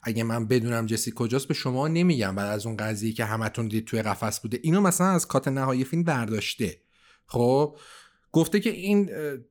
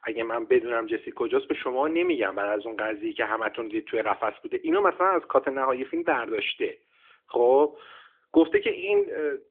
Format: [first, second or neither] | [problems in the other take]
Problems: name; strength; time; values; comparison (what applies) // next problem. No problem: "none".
first | phone-call audio; nothing above 3.5 kHz